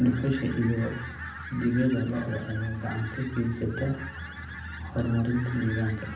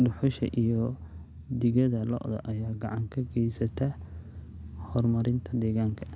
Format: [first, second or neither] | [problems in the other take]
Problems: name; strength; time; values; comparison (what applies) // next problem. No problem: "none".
second | background sound (Fowl); 13 dB below the speech // room echo; dies away in 0.6 s